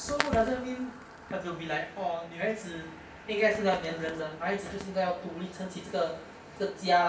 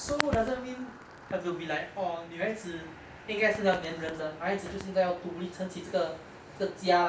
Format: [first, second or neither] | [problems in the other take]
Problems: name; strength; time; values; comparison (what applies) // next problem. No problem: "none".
second | room echo; dies away in 3 s